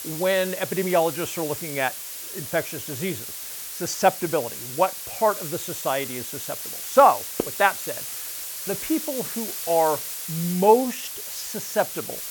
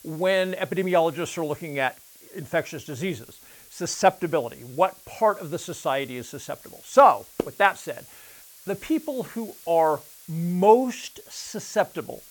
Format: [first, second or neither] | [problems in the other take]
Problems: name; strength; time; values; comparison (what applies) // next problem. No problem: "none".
second | hiss; loud; throughout; 7 dB below the speech; faint in the second